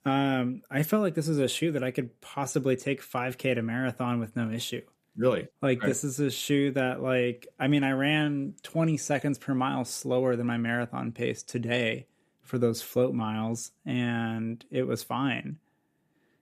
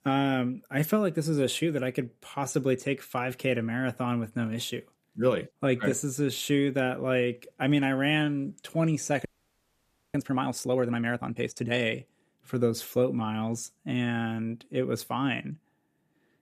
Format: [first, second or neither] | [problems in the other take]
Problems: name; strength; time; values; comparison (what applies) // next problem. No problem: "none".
first | audio freezing; at 9.5 s for 1 s